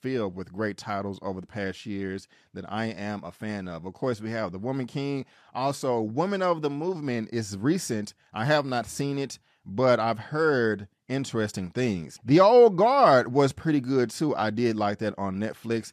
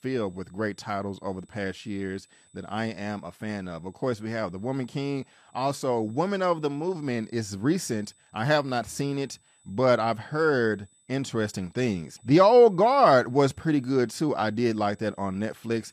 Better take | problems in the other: first | high-pitched whine; faint; throughout; 8 kHz, 35 dB below the speech

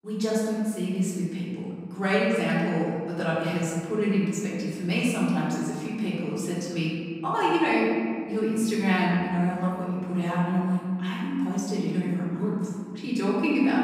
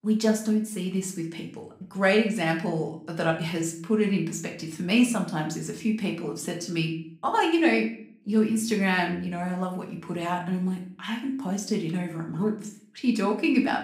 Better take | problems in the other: second | room echo; strong; dies away in 2.2 s; slight in the second // off-mic speech; far; somewhat distant in the second

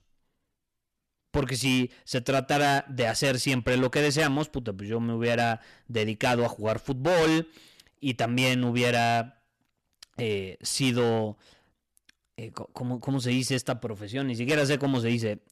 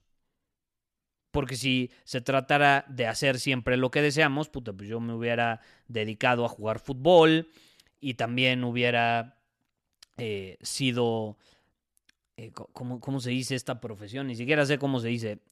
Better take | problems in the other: second | distortion; heavy; 9% of the sound clipped

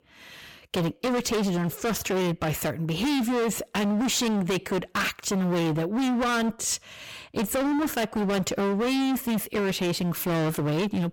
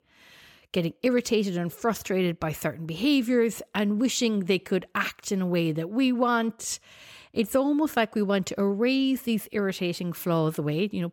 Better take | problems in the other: second | distortion; heavy; 34% of the sound clipped

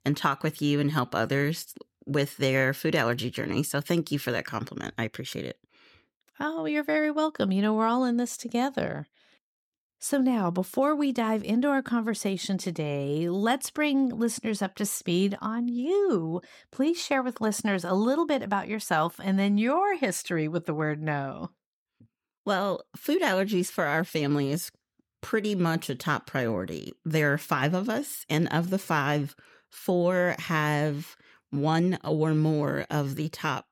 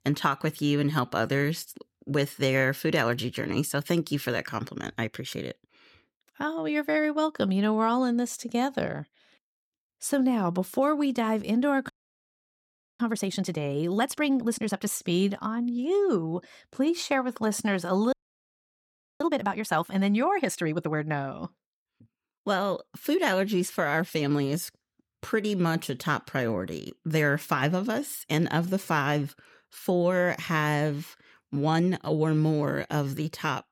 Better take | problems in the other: first | audio freezing; at 12 s for 1 s and at 18 s for 1 s

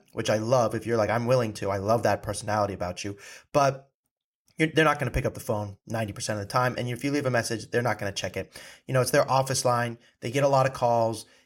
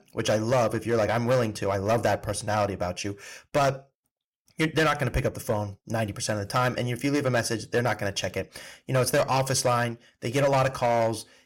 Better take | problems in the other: first | distortion; slight; 6% of the sound clipped

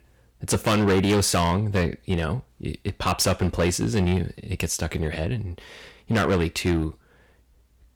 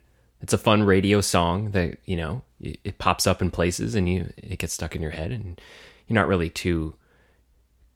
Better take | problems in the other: second | distortion; heavy; 8% of the sound clipped

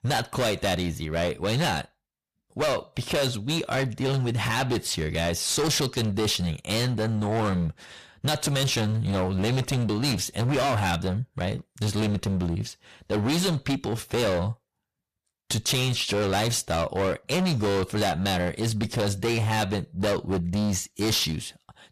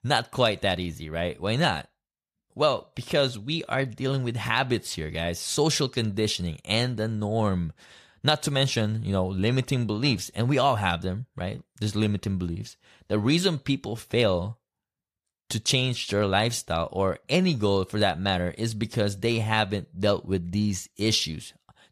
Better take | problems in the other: second | distortion; heavy; 23% of the sound clipped

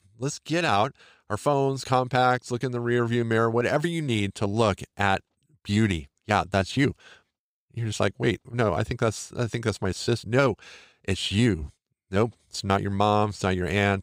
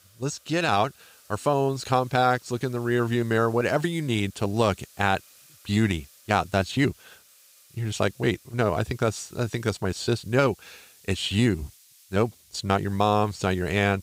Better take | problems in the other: first | hiss; faint; throughout; 25 dB below the speech

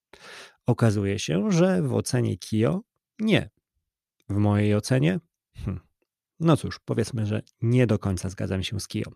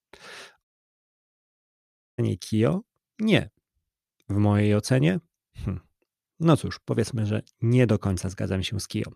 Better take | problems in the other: first | audio cutting out; at 0.5 s for 1.5 s

